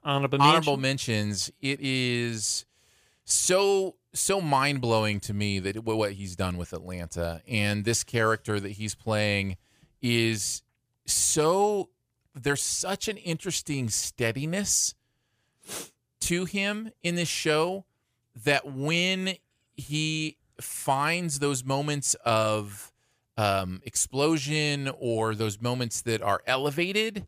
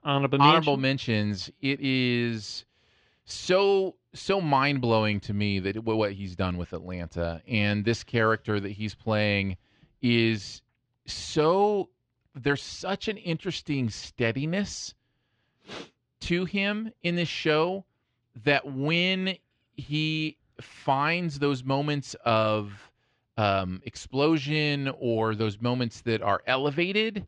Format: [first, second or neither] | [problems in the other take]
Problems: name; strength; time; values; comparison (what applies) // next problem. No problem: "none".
first | muffled; slightly; fading above 4.5 kHz